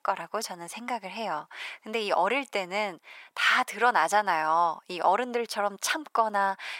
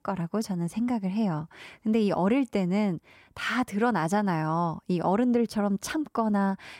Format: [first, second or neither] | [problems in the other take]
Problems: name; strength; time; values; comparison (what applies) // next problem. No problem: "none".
second | thin; very; fading below 800 Hz